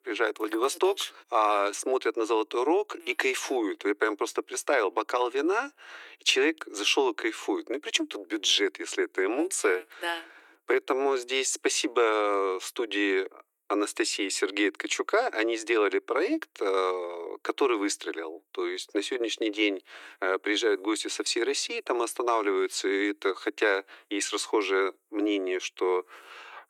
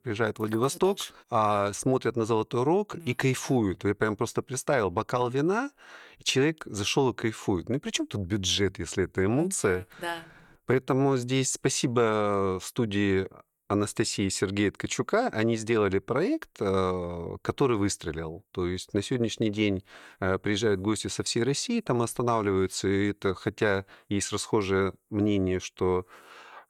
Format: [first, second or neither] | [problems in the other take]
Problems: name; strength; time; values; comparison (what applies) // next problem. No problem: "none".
second | thin; somewhat; fading below 300 Hz